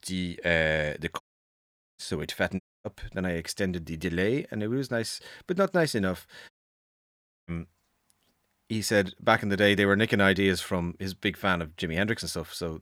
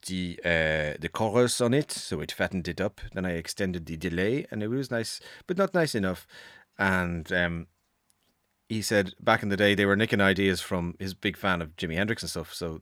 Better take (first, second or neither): second